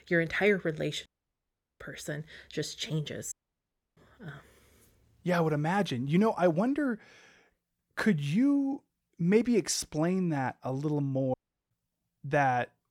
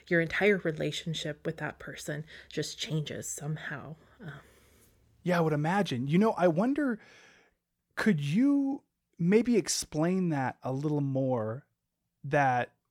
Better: second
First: audio cutting out; at 1 s for 0.5 s, at 3.5 s for 0.5 s and at 11 s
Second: none

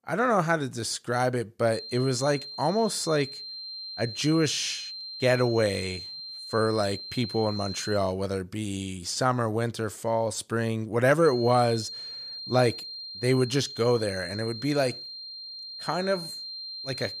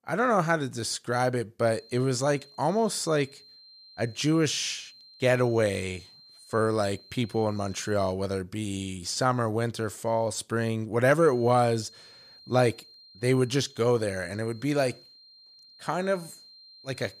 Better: second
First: high-pitched whine; loud; from 1.5 to 8 s and from 11 s on; 4 kHz, 10 dB below the speech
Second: high-pitched whine; faint; from 1.5 to 8 s and from 11 s on; 4 kHz, 25 dB below the speech

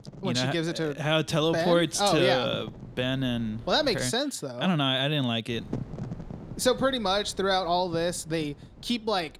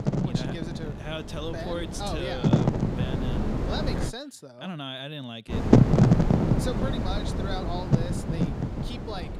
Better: first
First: wind noise on the microphone; occasional gusts; until 4 s and from 5.5 s on; 25 dB below the speech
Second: wind noise on the microphone; heavy; until 4 s and from 5.5 s on; 5 dB above the speech

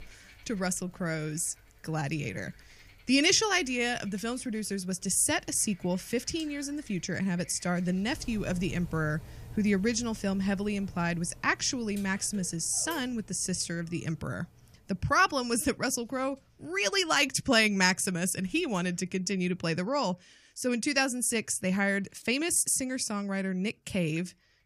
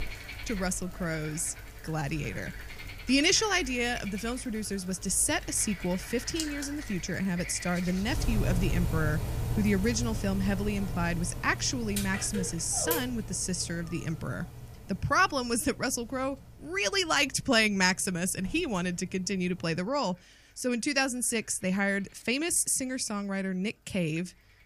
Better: first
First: animal sounds; faint; throughout; 20 dB below the speech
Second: animal sounds; loud; throughout; 9 dB below the speech

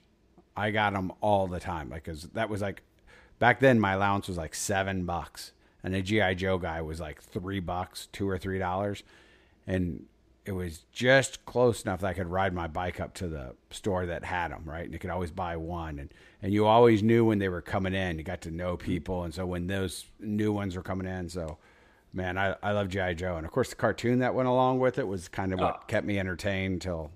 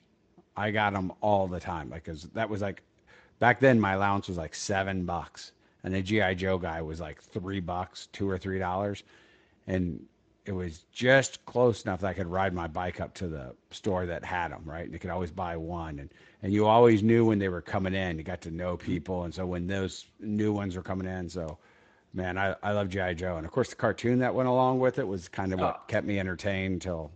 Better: first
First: none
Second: garbled, watery; slightly; nothing above 7.5 kHz

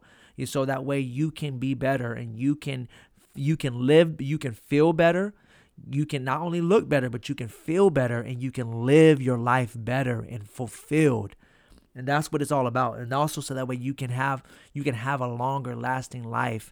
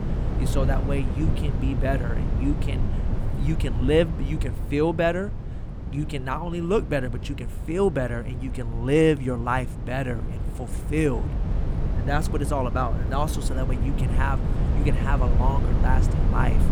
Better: first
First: none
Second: low rumble; noticeable; throughout; 10 dB below the speech

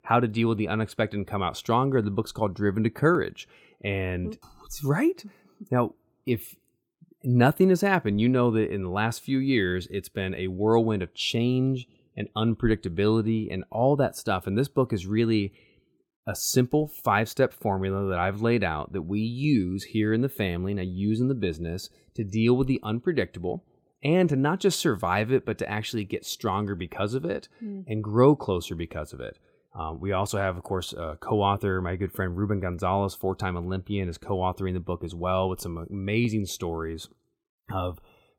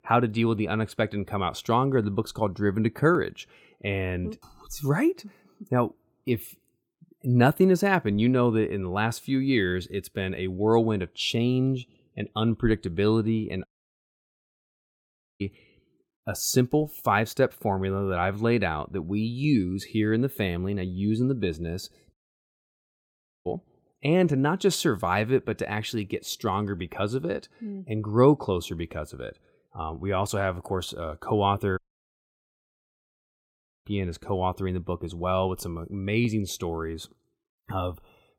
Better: first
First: none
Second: audio cutting out; at 14 s for 1.5 s, at 22 s for 1.5 s and at 32 s for 2 s

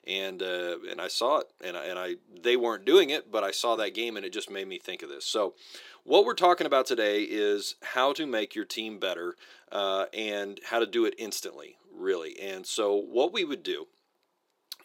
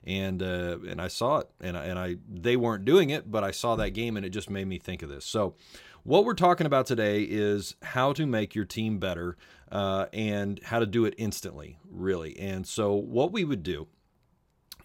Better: second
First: thin; somewhat; fading below 350 Hz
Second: none

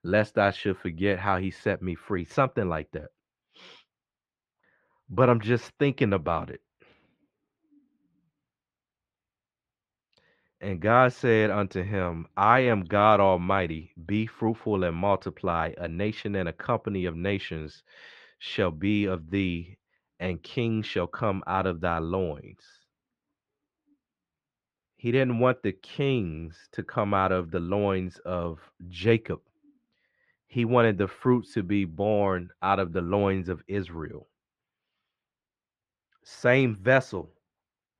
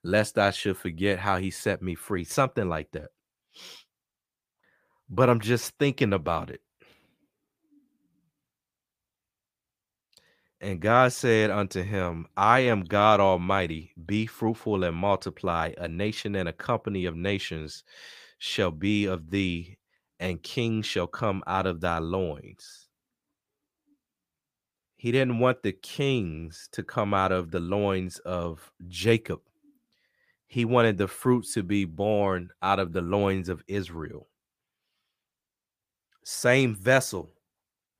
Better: second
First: muffled; slightly; fading above 3 kHz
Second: none

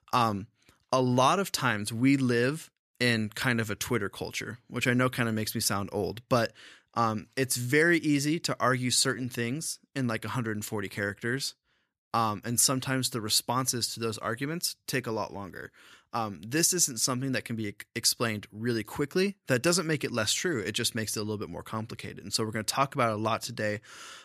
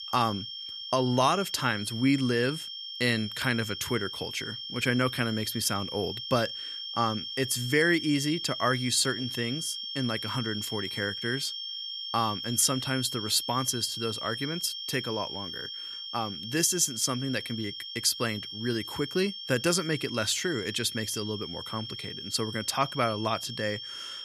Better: first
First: none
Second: high-pitched whine; loud; throughout; 3 kHz, 6 dB below the speech

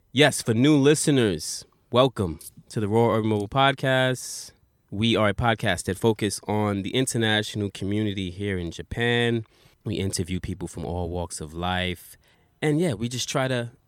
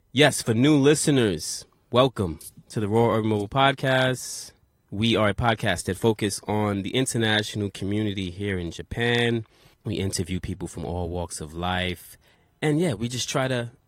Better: first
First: none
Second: garbled, watery; slightly; nothing above 14.5 kHz

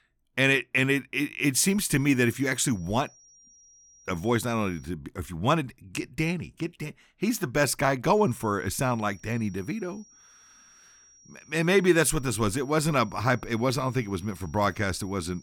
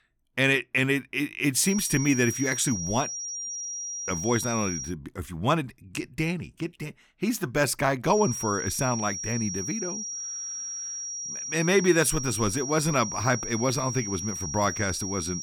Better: first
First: high-pitched whine; faint; from 1.5 to 5 s and from 8 s on; 5.5 kHz, 25 dB below the speech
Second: high-pitched whine; loud; from 1.5 to 5 s and from 8 s on; 5.5 kHz, 5 dB below the speech

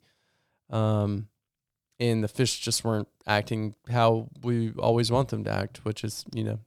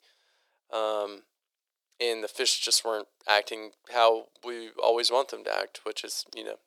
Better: first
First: none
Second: thin; very; fading below 400 Hz

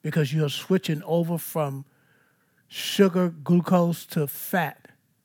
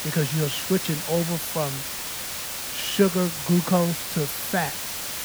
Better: first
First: none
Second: hiss; loud; throughout; 4 dB below the speech

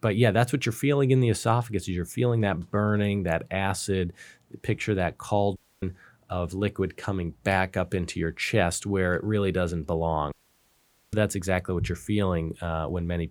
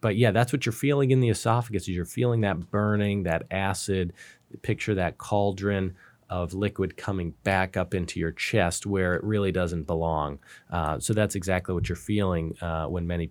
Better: second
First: audio cutting out; at 5.5 s and at 10 s for 1 s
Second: none

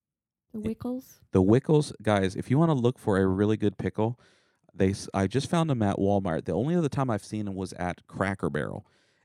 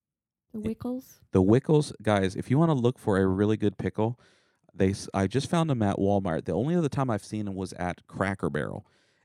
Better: neither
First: none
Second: none

